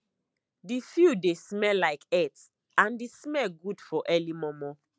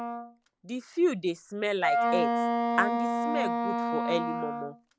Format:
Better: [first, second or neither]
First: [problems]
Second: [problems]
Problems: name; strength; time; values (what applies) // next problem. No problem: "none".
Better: first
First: none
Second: background sound (Wind instrument, woodwind instrument); 2 dB above the speech